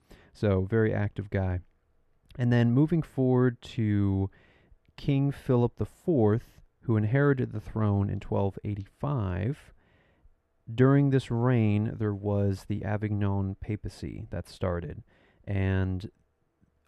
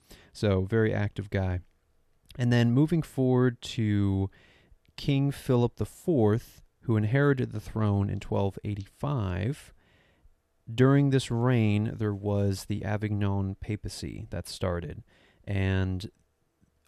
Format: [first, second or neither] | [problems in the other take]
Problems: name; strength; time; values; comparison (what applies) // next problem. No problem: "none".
second | muffled; slightly; fading above 3 kHz